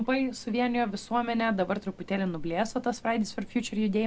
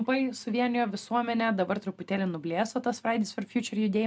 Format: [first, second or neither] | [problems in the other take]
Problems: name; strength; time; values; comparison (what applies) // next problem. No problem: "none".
second | background sound (Rain); 17 dB below the speech